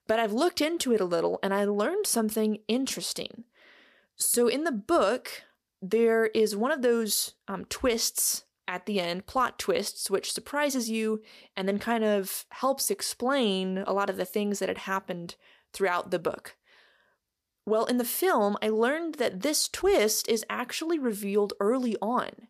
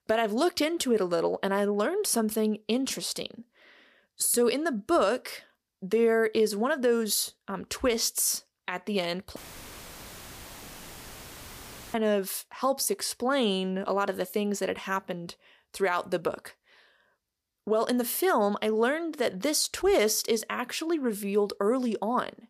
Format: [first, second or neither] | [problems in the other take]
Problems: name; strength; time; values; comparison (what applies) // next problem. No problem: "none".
first | audio cutting out; filled with static; at 9.5 s for 2.5 s